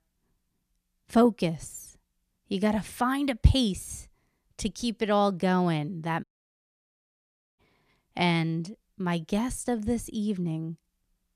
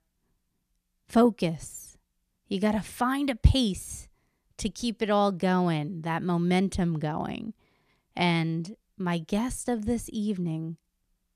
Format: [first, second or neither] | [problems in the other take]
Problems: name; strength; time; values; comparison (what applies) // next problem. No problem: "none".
second | audio cutting out; at 6 s for 1.5 s